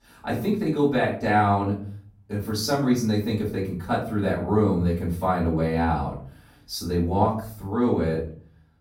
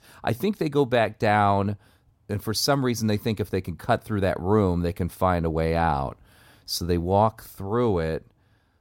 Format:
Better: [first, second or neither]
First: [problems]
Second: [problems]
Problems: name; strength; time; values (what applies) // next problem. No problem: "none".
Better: second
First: off-mic speech; far // room echo; noticeable; dies away in 0.4 s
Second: none